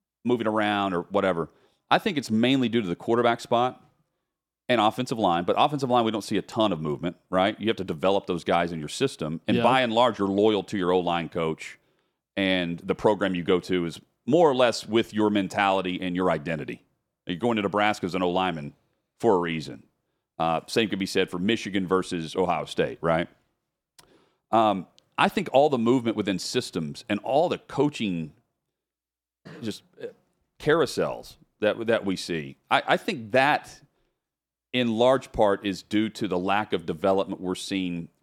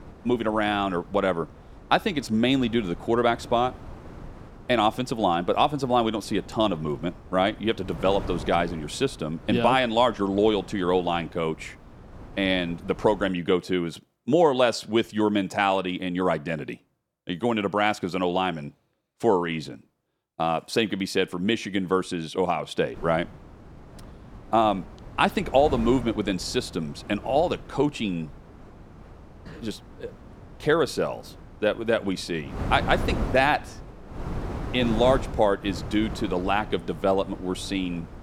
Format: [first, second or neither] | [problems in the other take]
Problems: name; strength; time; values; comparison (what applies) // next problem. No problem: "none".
first | wind noise on the microphone; occasional gusts; until 13 s and from 23 s on; 20 dB below the speech